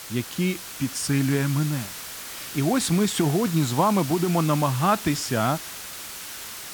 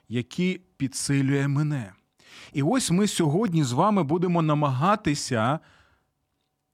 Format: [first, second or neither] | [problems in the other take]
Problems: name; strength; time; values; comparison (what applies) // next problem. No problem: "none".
second | hiss; loud; throughout; 10 dB below the speech